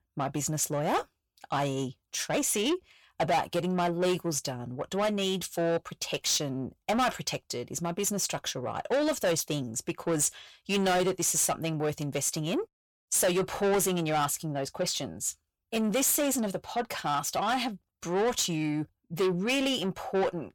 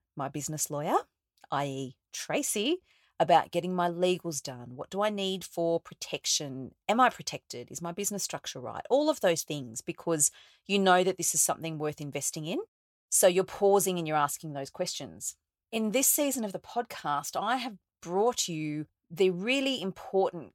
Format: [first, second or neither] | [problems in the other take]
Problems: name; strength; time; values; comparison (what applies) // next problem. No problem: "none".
second | distortion; heavy; 7 dB below the speech